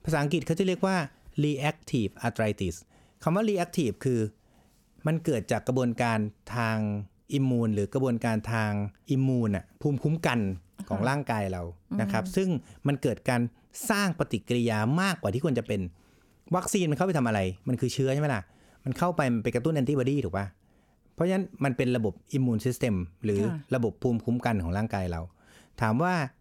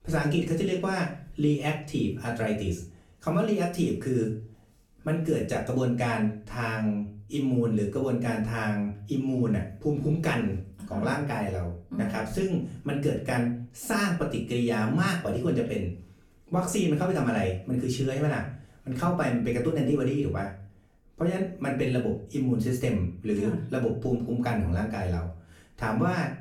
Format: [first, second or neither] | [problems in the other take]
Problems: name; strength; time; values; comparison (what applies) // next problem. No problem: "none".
first | room echo; slight; dies away in 0.4 s // off-mic speech; far